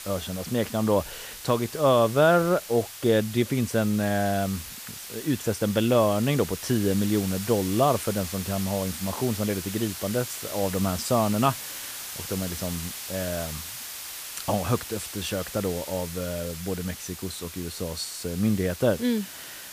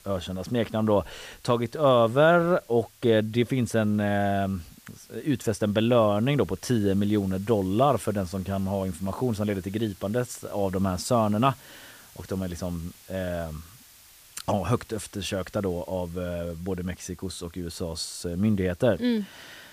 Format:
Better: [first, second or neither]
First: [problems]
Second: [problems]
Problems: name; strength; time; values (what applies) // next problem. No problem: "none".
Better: second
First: hiss; loud; throughout; 9 dB below the speech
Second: hiss; faint; throughout; 25 dB below the speech